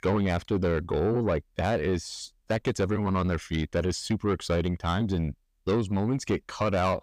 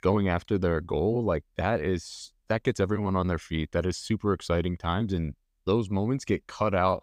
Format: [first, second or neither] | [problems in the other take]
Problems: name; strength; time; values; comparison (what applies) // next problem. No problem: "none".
second | distortion; slight; 10 dB below the speech